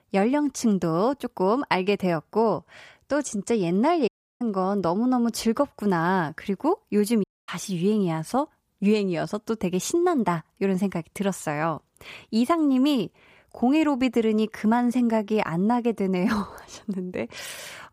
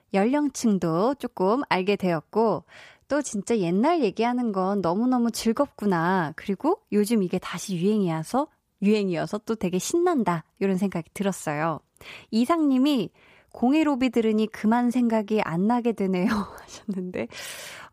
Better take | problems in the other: second | audio cutting out; at 4 s and at 7 s

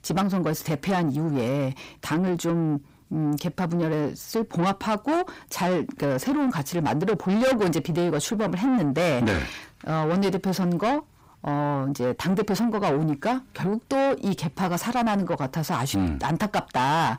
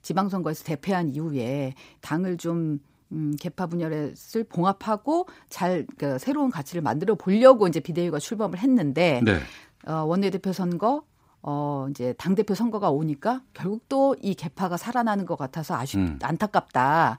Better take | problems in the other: second | distortion; heavy; 6 dB below the speech

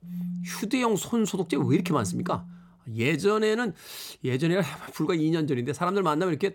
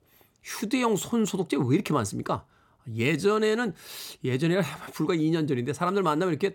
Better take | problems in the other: second | phone ringing; noticeable; until 2.5 s; peak 7 dB below the speech

